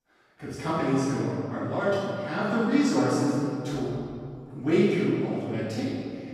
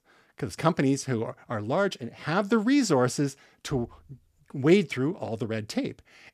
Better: second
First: off-mic speech; far // room echo; strong; dies away in 2 s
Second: none

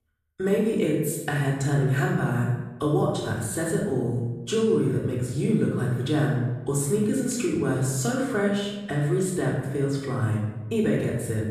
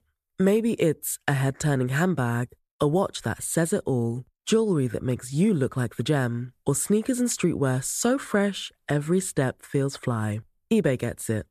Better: second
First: off-mic speech; far // room echo; noticeable; dies away in 1.1 s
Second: none

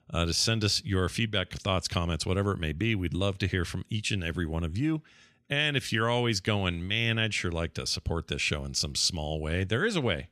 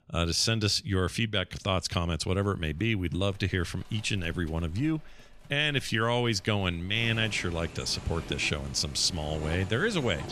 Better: first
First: none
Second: animal sounds; noticeable; throughout; 15 dB below the speech

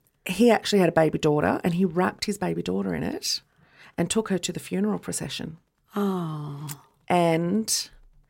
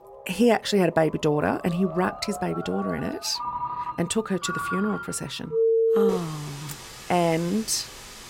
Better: first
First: none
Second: alarms or sirens; loud; throughout; 4 dB below the speech

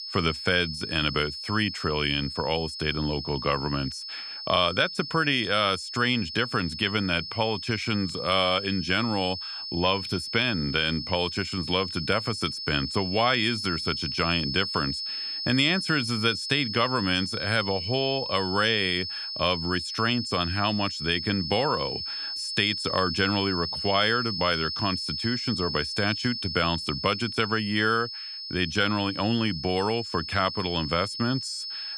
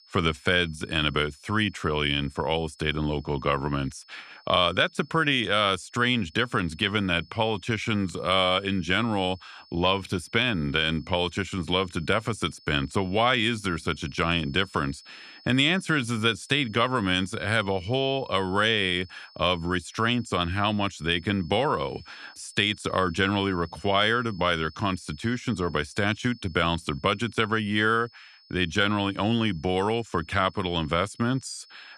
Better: second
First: high-pitched whine; loud; throughout; 5 kHz, 5 dB below the speech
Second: high-pitched whine; faint; throughout; 5 kHz, 25 dB below the speech

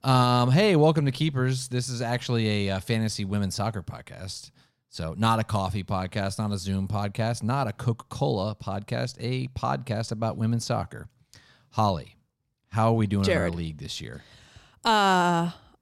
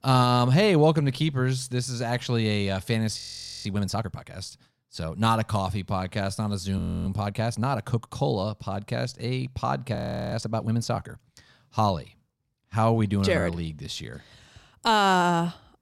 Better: first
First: none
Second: audio freezing; at 3 s, at 7 s and at 10 s

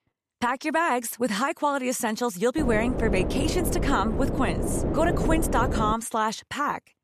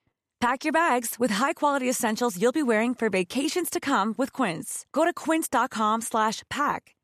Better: second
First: wind noise on the microphone; heavy; from 2.5 to 6 s; 6 dB below the speech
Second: none

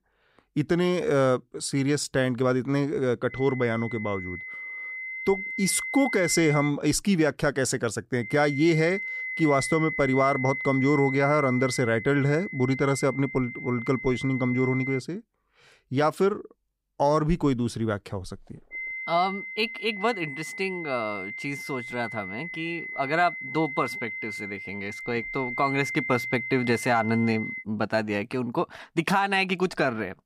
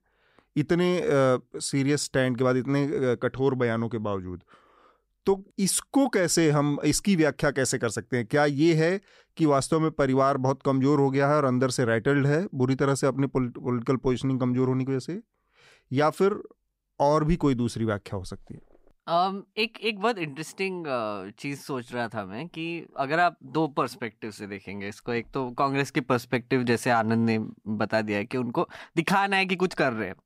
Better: second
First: high-pitched whine; loud; from 3.5 to 6.5 s, from 8 to 15 s and from 19 to 28 s; 2 kHz, 7 dB below the speech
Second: none

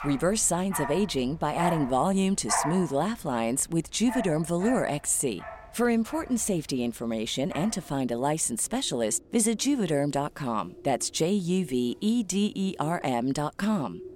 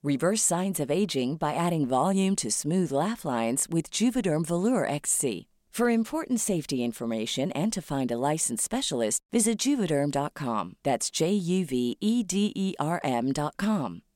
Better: second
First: animal sounds; noticeable; throughout; 10 dB below the speech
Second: none

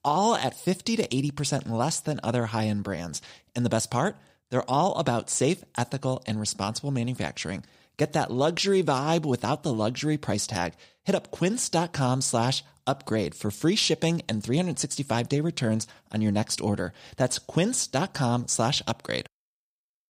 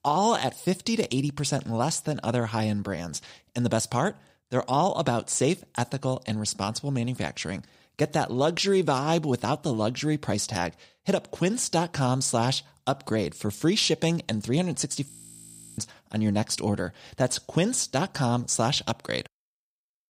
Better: first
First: none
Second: audio freezing; at 15 s for 0.5 s

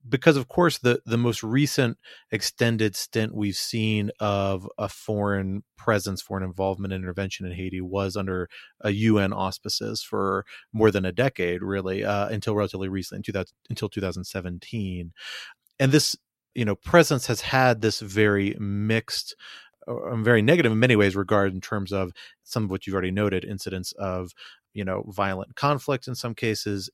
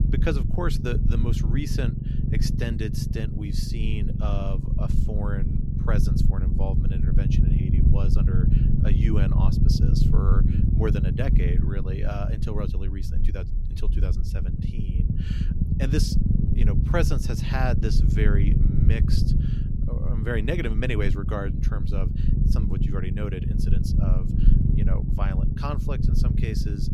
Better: first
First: none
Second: low rumble; loud; throughout; 2 dB below the speech

